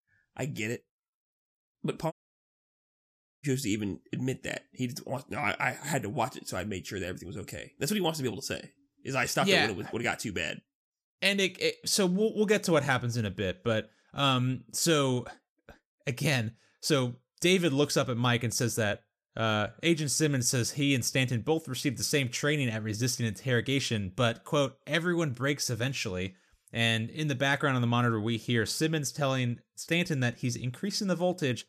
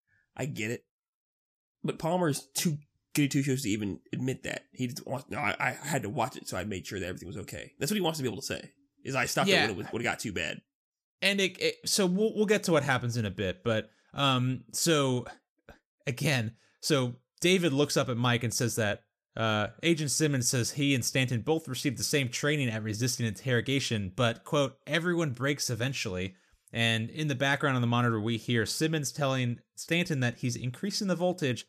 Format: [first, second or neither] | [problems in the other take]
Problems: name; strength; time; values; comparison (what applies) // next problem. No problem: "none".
second | audio cutting out; at 2 s for 1.5 s